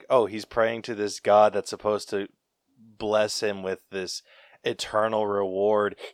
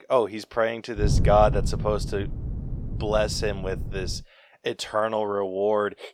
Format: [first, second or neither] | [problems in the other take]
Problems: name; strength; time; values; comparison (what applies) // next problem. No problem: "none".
first | wind noise on the microphone; occasional gusts; from 1 to 4 s; 15 dB below the speech